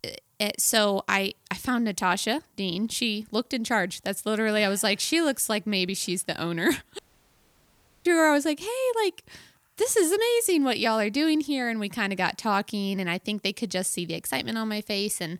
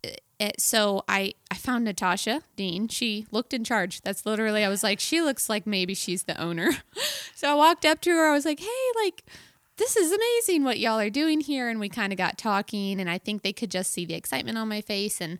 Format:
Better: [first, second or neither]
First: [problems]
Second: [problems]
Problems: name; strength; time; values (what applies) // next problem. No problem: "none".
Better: second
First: audio cutting out; at 7 s for 1 s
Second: none